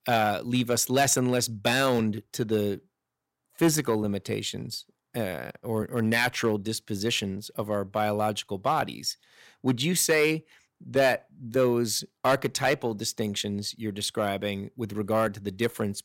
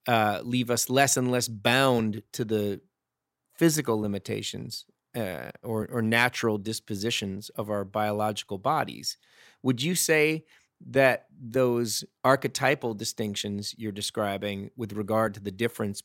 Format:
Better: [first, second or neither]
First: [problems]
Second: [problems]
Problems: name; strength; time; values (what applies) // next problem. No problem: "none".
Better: second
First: distortion; slight; 1.7% of the sound clipped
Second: none